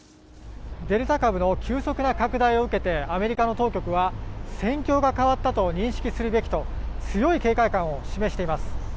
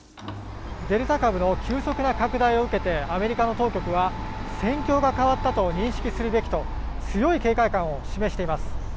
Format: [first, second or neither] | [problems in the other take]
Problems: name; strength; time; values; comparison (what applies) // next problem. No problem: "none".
first | background sound (Domestic sounds, home sounds); 13 dB below the speech